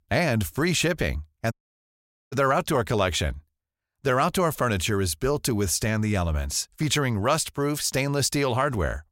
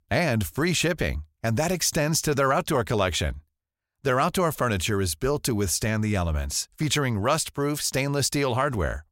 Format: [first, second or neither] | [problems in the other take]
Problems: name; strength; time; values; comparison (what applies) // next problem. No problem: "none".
second | audio cutting out; at 1.5 s for 1 s